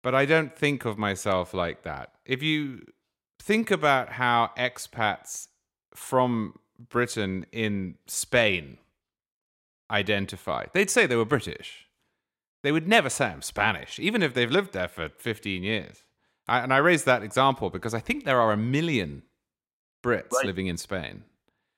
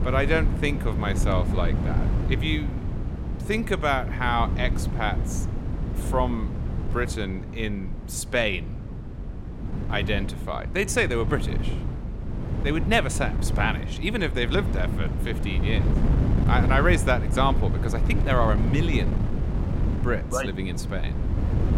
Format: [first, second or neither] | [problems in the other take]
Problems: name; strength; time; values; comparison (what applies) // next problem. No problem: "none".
first | wind noise on the microphone; occasional gusts; 10 dB below the speech